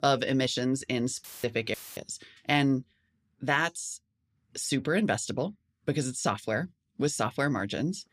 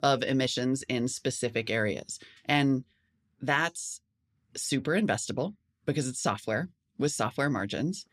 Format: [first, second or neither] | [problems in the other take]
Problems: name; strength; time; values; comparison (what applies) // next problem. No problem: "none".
second | audio cutting out; filled with static; at 1 s and at 1.5 s